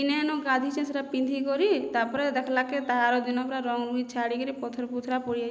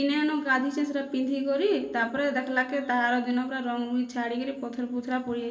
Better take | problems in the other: first | room echo; dies away in 0.2 s

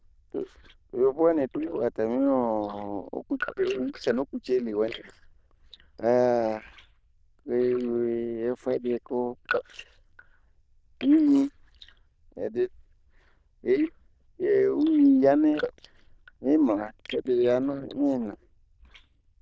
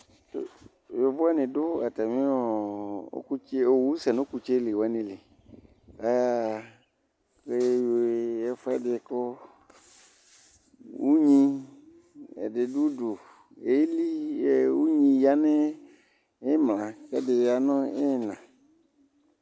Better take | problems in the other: second | noise reduction (neural diffusion model UNIVERSE++)

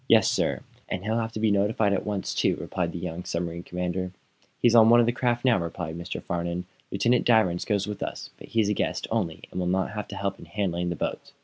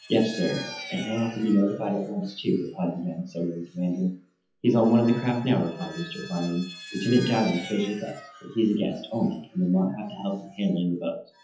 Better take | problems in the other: first | noise reduction (classical method WPE with log-MMSE)

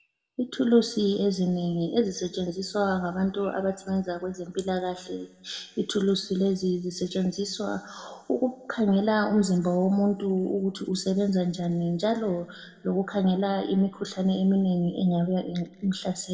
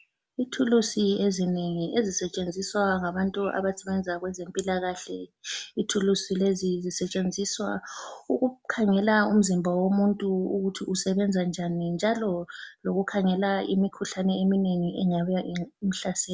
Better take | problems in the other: second | room echo; dies away in 1.2 s

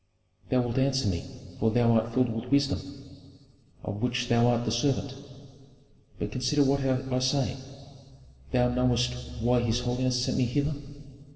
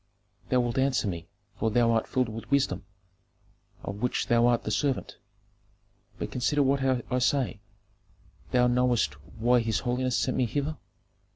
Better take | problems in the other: second | room echo; dies away in 2.1 s

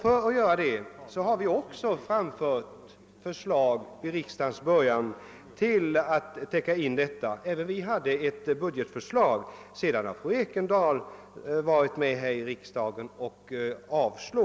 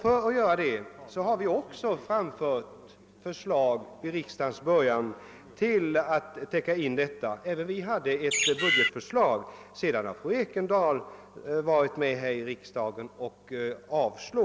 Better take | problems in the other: first | background sound (Bird); 3 dB above the speech

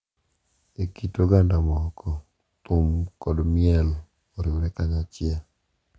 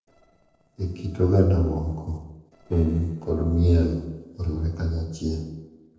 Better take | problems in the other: first | noise reduction (neural separator model SepFormer DNS4)

